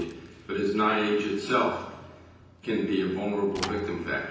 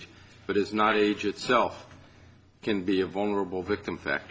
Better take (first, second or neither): second